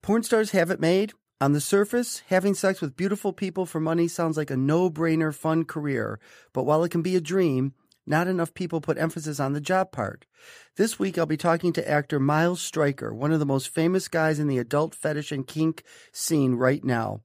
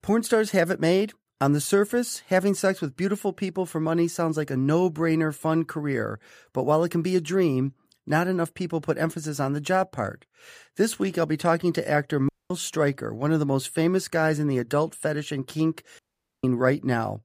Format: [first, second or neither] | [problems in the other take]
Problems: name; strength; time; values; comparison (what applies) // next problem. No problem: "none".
first | audio cutting out; at 12 s and at 16 s